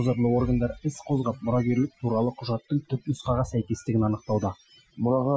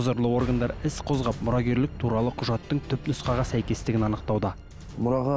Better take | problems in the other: second | noise reduction (classical method Wiener filter)

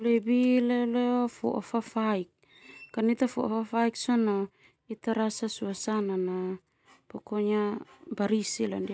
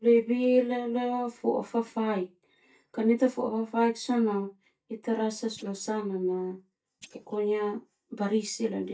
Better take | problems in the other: first | noise reduction (neural mask model DeepFilterNet 3)

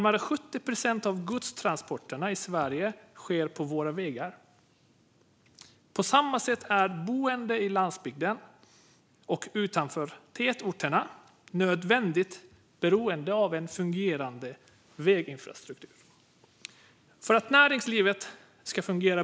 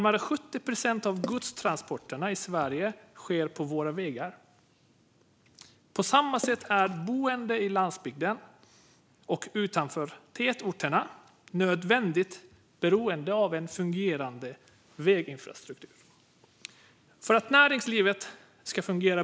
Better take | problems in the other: first | background sound (Water / Splash, splatter); 16 dB below the speech

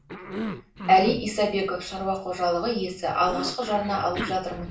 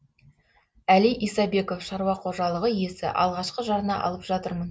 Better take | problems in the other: second | background sound (Cough); 11 dB below the speech // room echo; dies away in 0.4 s

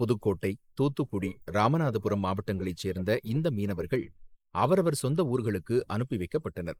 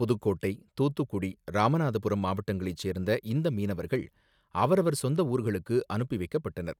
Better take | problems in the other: second | noise reduction (neural mask model Resemble Enhance denoiser)

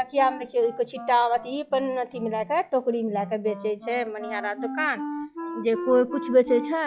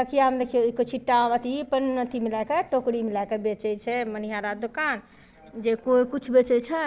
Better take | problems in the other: second | noise reduction (classical method log-MMSE)

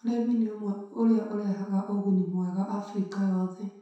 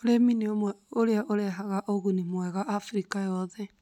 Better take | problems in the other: second | room echo; dies away in 0.7 s

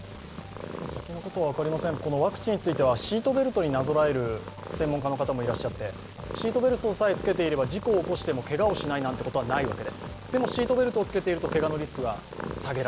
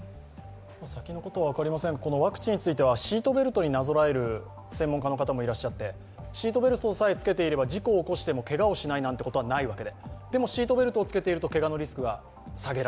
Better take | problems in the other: second | background sound (Purr); 11 dB below the speech

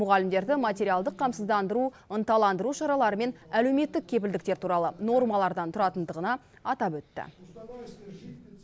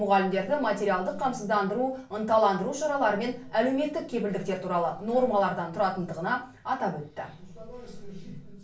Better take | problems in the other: first | room echo; dies away in 0.3 s

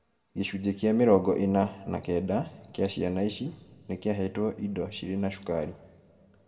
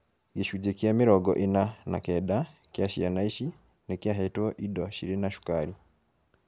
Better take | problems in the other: second | room echo; dies away in 1.1 s

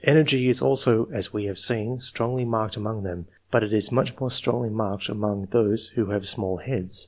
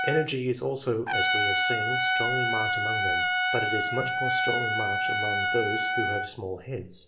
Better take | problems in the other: first | background sound (Trumpet); 4 dB above the speech // room echo; dies away in 0.5 s

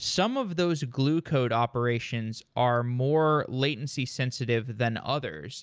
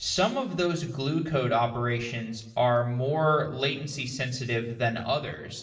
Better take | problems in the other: first | room echo; dies away in 0.8 s

